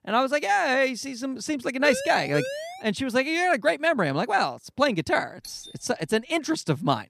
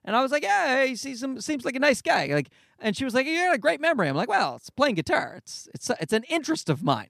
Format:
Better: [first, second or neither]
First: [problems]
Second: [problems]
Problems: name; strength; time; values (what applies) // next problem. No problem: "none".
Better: second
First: siren; noticeable; at 2 s; peak 7 dB below the speech // doorbell; faint; at 5.5 s; peak 20 dB below the speech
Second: none